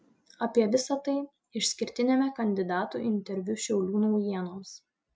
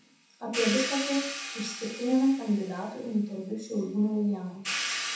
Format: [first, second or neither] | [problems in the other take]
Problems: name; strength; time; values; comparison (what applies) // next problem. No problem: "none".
first | background sound (Hi-hat); 7 dB below the speech // room echo; dies away in 0.7 s